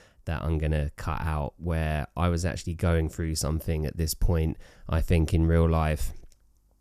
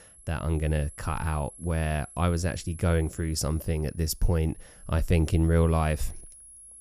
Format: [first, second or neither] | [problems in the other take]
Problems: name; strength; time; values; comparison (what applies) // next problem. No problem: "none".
first | high-pitched whine; noticeable; throughout; 11 kHz, 20 dB below the speech